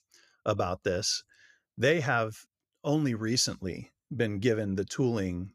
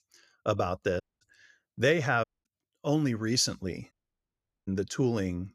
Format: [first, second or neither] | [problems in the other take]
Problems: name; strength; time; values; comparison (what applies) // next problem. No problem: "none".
first | audio cutting out; at 1 s, at 2 s and at 4 s for 1 s